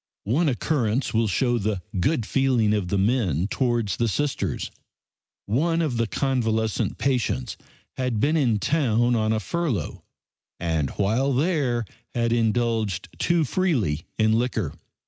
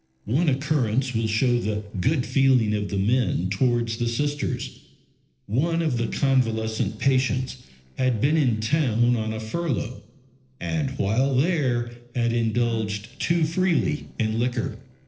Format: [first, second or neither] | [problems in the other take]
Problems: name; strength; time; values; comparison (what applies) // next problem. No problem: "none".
first | noise reduction (neural separator model SepFormer DNS4)